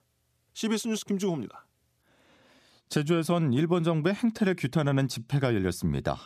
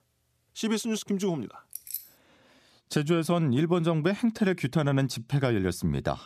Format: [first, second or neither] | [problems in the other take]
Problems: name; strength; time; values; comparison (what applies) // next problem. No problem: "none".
first | jangling keys; noticeable; at 1.5 s; peak 9 dB below the speech